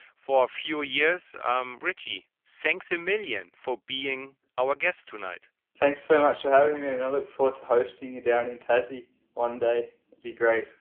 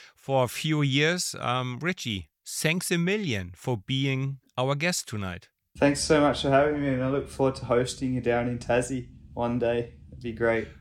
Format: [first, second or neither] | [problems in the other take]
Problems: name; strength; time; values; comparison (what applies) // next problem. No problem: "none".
second | phone-call audio; poor line; nothing above 3.5 kHz